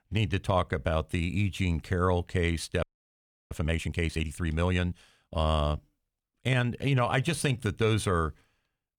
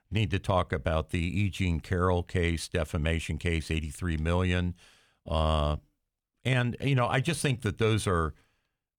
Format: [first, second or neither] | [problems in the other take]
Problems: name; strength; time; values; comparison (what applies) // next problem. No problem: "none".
second | audio freezing; at 3 s for 0.5 s